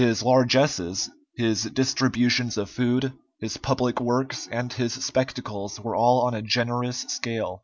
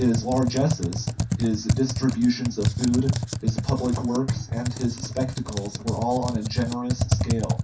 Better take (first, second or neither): first